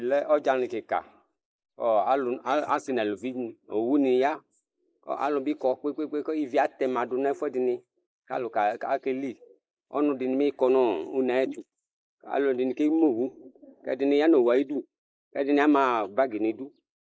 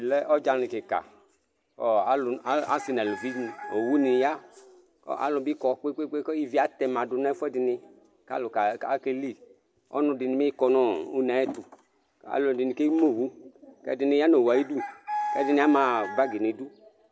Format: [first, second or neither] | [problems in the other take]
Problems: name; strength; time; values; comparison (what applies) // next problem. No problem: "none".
second | noise reduction (neural mask model Resemble Enhance denoiser)